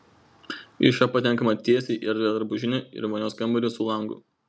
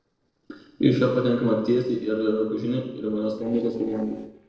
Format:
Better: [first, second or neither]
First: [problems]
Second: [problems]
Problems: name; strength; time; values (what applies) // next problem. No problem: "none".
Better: first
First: none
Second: noise reduction (neural separator model SepFormer DNS4)